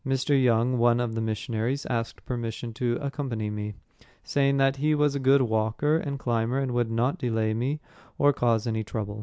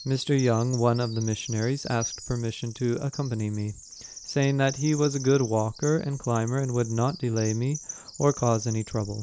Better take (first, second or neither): first